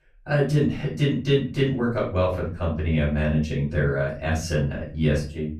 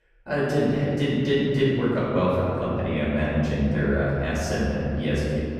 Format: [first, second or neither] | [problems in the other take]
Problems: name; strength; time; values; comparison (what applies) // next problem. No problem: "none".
first | room echo; strong; dies away in 3 s; slight in the first // off-mic speech; far; far in the first